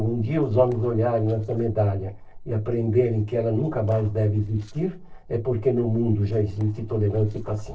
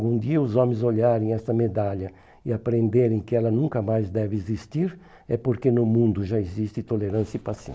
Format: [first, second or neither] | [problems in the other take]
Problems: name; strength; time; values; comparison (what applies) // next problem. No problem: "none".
second | noise reduction (neural separator model SepFormer DNS4)